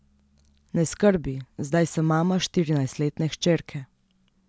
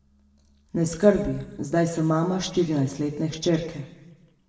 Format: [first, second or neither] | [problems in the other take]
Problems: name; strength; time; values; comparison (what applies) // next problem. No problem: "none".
first | room echo; dies away in 1 s